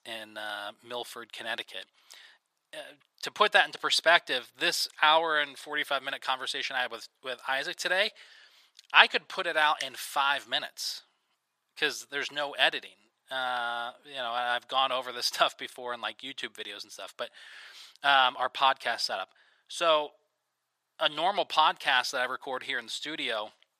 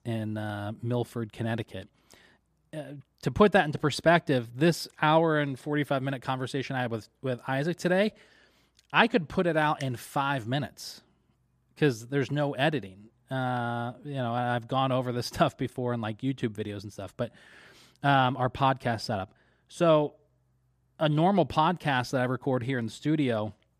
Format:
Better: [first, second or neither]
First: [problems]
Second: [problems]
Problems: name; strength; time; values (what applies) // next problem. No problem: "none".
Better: second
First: thin; very; fading below 950 Hz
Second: none